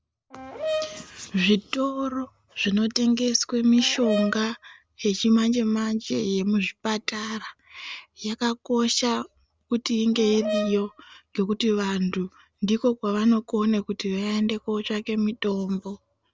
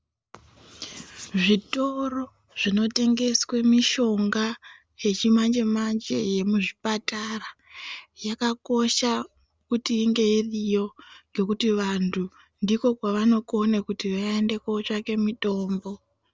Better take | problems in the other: second | background sound (Brass instrument); 9 dB below the speech

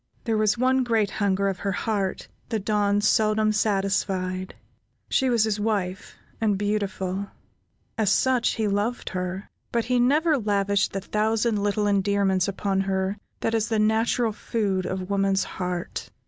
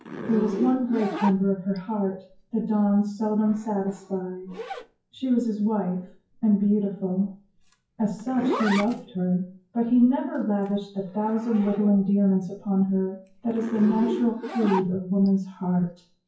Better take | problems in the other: first | noise reduction (classical method WPE with log-MMSE)

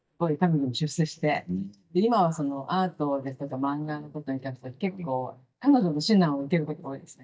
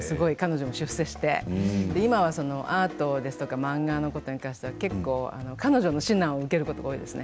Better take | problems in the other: second | noise reduction (neural mask model DeepFilterNet 3)

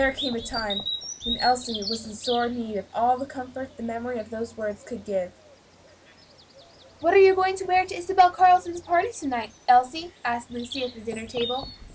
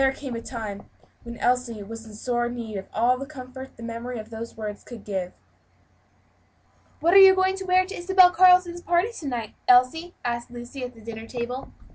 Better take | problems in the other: second | background sound (Bird vocalization, bird call, bird song); 14 dB below the speech

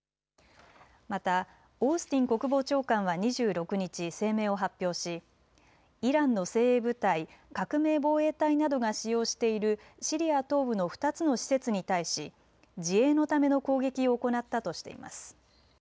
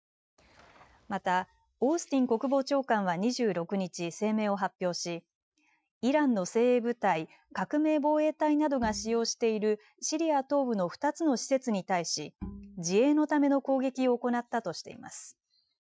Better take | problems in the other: first | noise reduction (classical method Wiener filter)

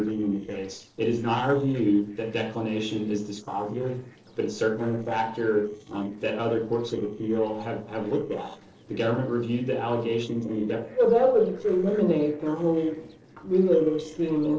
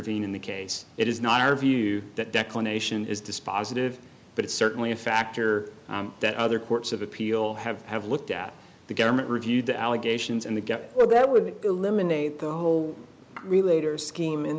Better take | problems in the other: second | noise reduction (neural separator model SepFormer DNS4)

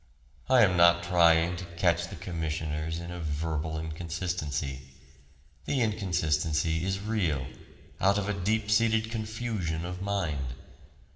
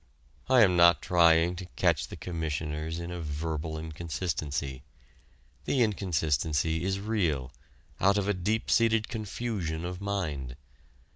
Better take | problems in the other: second | room echo; dies away in 1.5 s

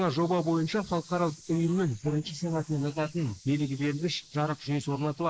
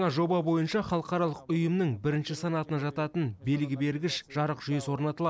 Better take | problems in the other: second | noise reduction (neural mask model Resemble Enhance denoiser)

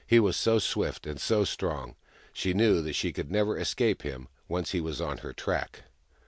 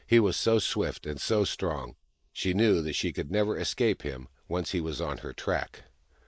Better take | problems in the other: first | noise reduction (neural mask model Resemble Enhance denoiser)

